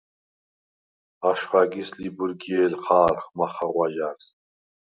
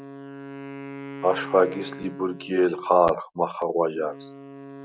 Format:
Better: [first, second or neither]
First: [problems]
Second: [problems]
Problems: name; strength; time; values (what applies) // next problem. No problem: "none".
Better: first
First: none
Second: background sound (Wind instrument, woodwind instrument); 14 dB below the speech